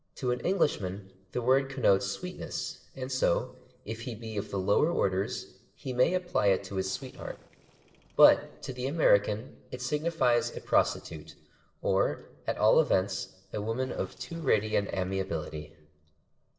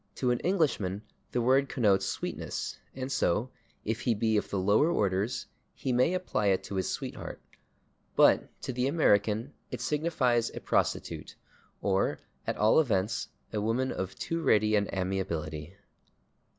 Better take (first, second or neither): second